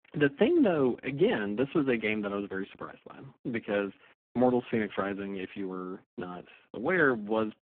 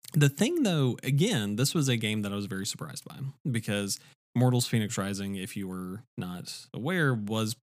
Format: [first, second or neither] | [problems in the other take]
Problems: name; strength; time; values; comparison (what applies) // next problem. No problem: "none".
second | phone-call audio; poor line